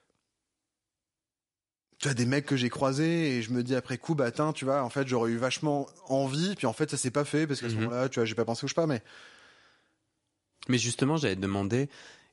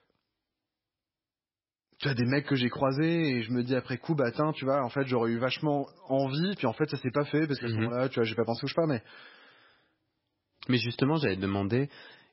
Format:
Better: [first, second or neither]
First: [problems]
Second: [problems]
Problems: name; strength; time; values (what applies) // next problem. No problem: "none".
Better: first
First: garbled, watery; slightly; nothing above 11 kHz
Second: garbled, watery; badly; nothing above 5.5 kHz